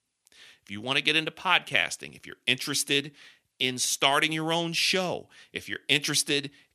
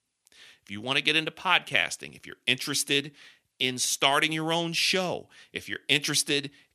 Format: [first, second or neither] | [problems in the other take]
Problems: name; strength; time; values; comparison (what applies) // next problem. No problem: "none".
neither | thin; very slightly; fading below 400 Hz; the same in both